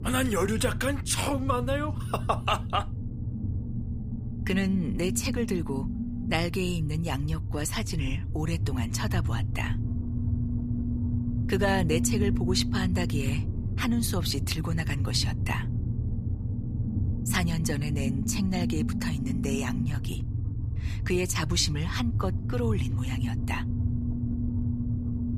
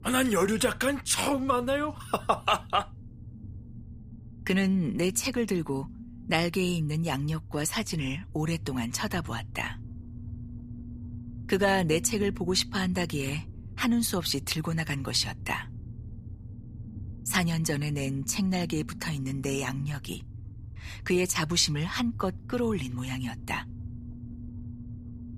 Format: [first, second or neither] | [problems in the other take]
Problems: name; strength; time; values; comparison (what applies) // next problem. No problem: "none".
second | low rumble; loud; throughout; 10 dB below the speech; faint in the second